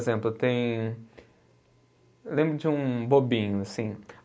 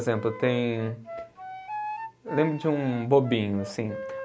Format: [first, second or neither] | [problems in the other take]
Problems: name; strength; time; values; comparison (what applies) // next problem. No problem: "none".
first | background sound (Wind instrument, woodwind instrument); 11 dB below the speech